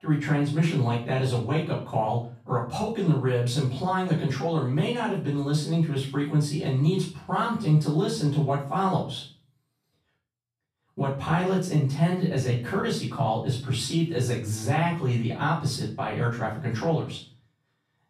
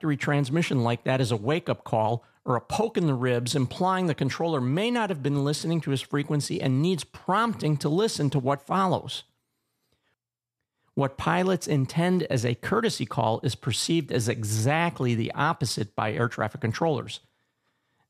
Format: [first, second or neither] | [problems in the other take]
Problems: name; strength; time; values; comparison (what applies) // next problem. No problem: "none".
second | off-mic speech; far // room echo; noticeable; dies away in 0.4 s